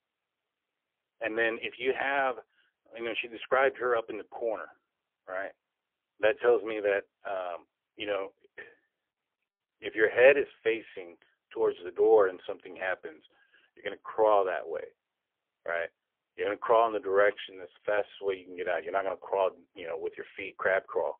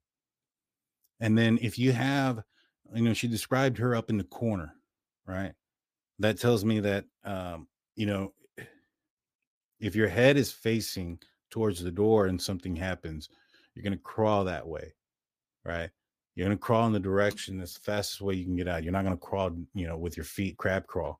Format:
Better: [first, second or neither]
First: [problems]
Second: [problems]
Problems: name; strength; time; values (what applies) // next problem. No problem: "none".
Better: second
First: phone-call audio; poor line; nothing above 3.5 kHz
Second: none